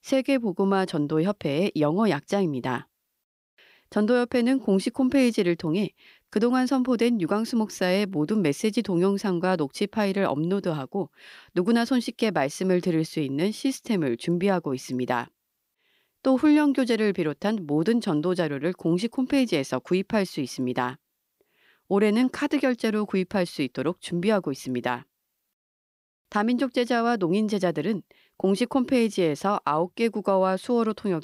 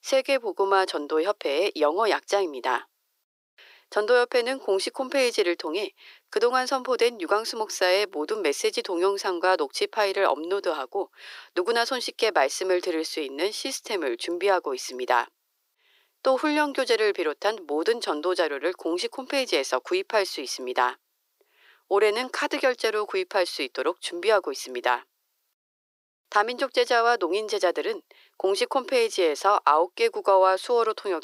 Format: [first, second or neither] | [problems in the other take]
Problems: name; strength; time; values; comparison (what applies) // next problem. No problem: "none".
first | thin; very; fading below 350 Hz